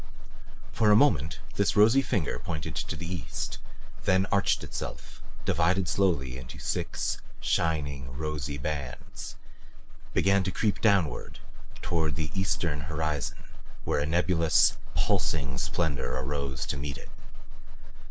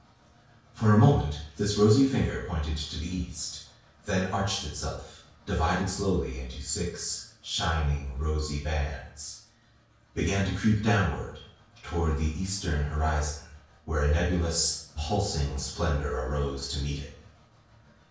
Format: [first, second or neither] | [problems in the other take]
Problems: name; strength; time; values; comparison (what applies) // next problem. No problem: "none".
first | room echo; dies away in 0.5 s